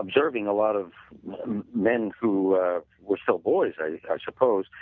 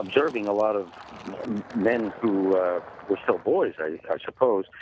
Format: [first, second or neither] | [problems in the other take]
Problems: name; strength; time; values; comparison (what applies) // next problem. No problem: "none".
first | background sound (Fill (with liquid)); 19 dB below the speech